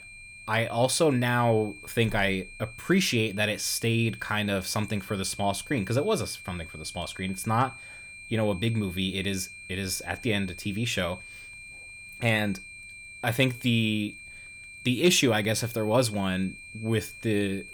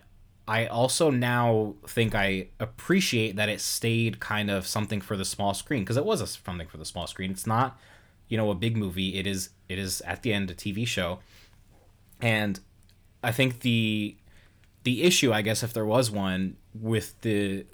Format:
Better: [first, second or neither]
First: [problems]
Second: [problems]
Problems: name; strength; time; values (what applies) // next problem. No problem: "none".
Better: second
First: high-pitched whine; noticeable; throughout; 2.5 kHz, 15 dB below the speech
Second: none